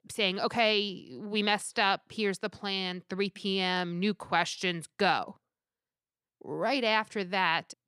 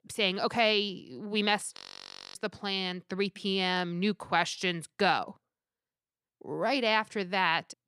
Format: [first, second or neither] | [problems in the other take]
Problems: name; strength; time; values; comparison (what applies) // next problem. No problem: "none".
first | audio freezing; at 2 s for 0.5 s